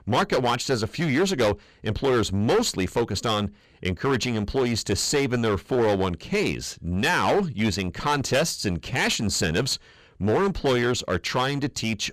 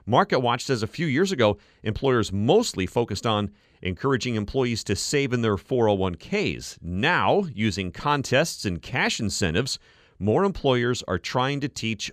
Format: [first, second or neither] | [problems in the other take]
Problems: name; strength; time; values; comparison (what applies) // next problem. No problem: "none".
second | distortion; heavy; 13% of the sound clipped